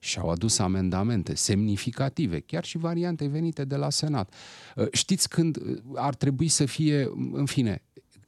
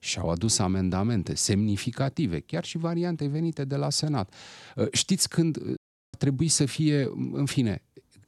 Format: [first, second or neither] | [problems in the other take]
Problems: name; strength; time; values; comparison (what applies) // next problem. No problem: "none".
first | audio cutting out; at 6 s